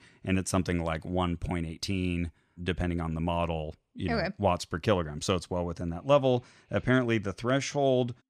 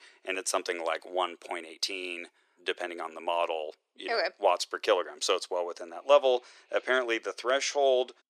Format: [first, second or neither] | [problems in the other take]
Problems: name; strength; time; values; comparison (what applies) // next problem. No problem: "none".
first | thin; very; fading below 400 Hz